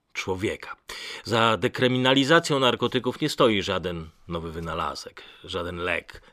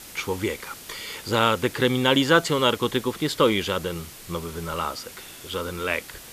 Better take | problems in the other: first | hiss; noticeable; throughout; 15 dB below the speech

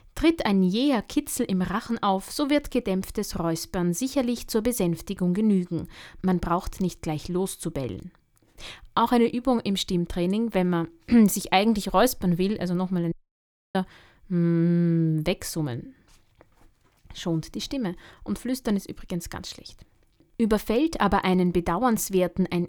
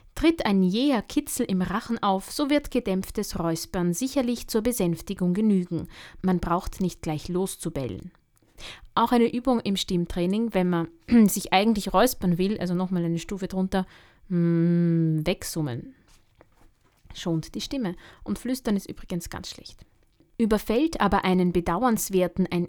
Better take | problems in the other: second | audio cutting out; at 13 s for 0.5 s

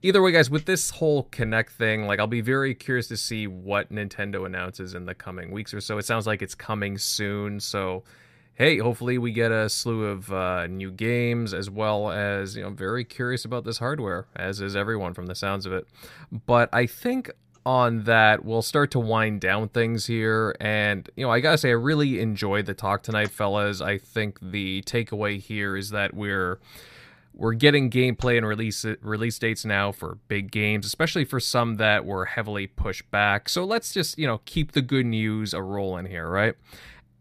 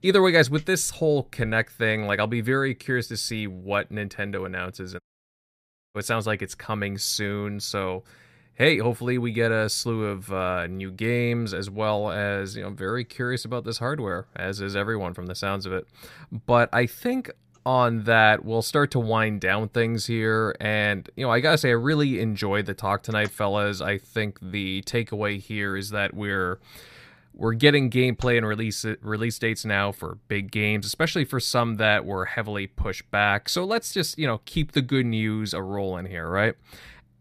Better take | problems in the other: first | audio cutting out; at 5 s for 1 s

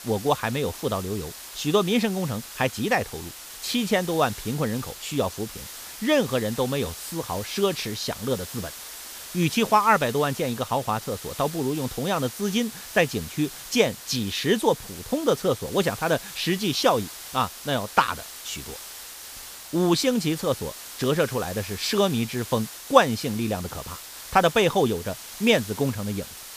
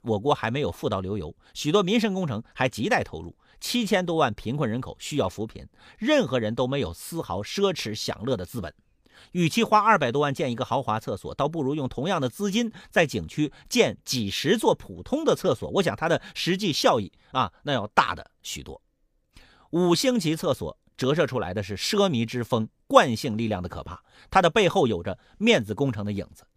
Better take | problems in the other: second | hiss; noticeable; throughout; 10 dB below the speech

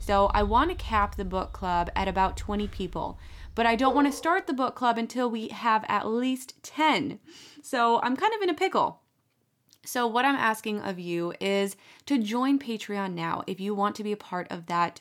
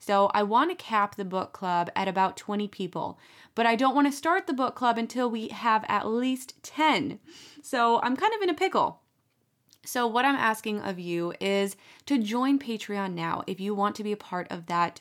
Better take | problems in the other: second | animal sounds; noticeable; until 3.5 s; 10 dB below the speech

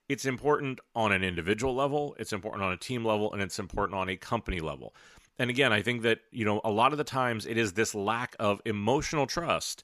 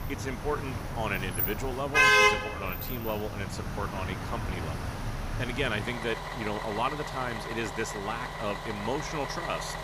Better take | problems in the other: first | traffic noise; very loud; throughout; 4 dB above the speech

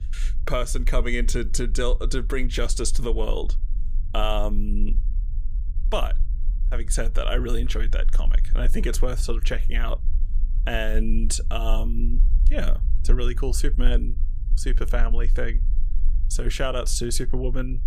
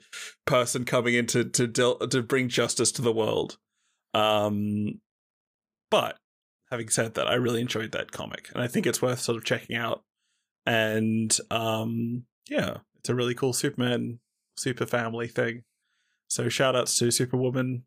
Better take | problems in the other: second | low rumble; faint; throughout; 20 dB below the speech

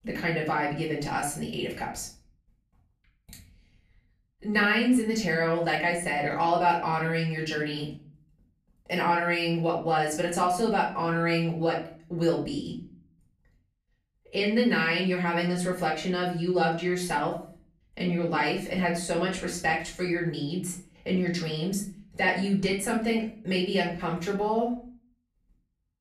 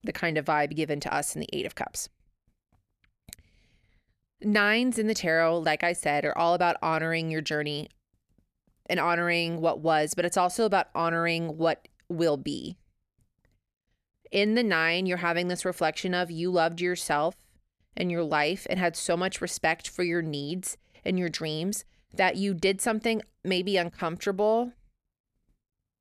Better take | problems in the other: second | off-mic speech; far // room echo; slight; dies away in 0.5 s

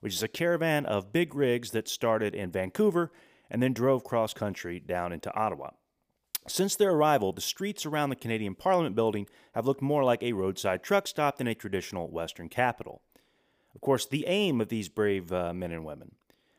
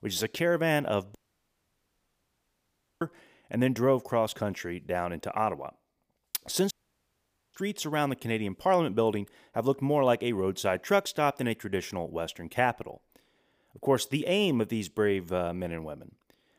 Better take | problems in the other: first | audio cutting out; at 1 s for 2 s and at 6.5 s for 1 s

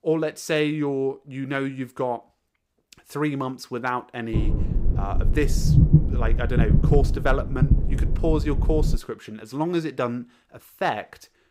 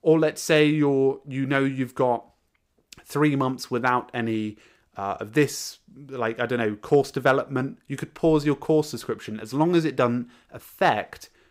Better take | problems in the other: second | low rumble; loud; from 4.5 to 9 s; 6 dB below the speech

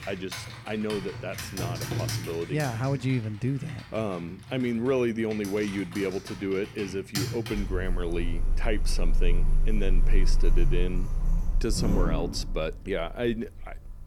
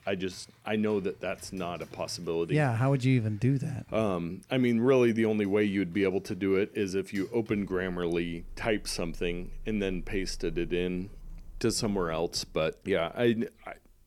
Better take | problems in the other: second | household noises; loud; throughout; 1 dB below the speech; faint in the second

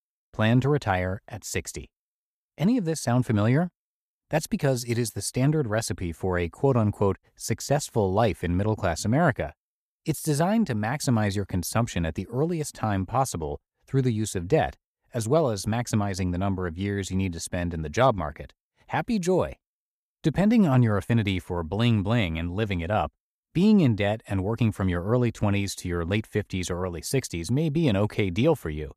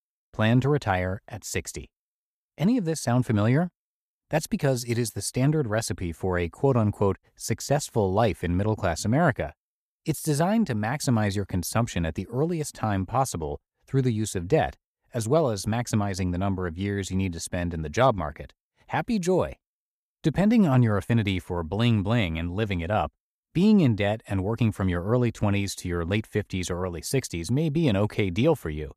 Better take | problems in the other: neither | none

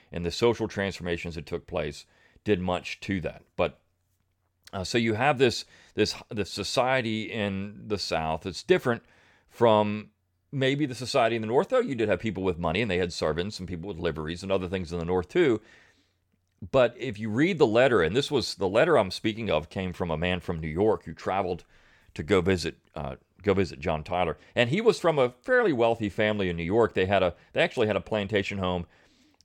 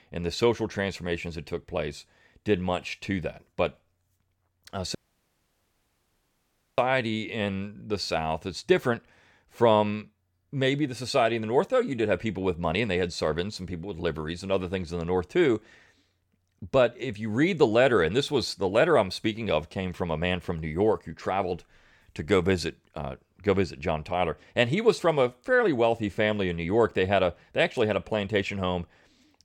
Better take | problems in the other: first | audio cutting out; at 5 s for 2 s

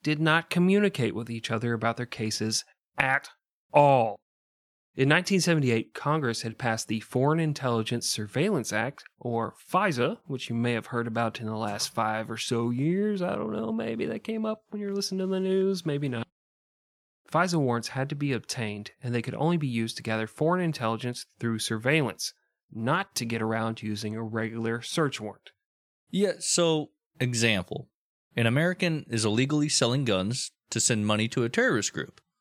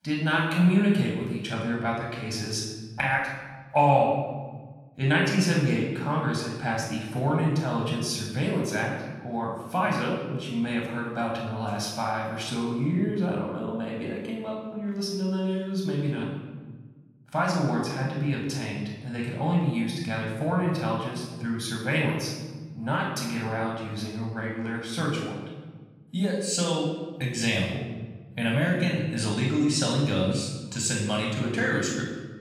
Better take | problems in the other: first | off-mic speech; far // room echo; noticeable; dies away in 1.3 s

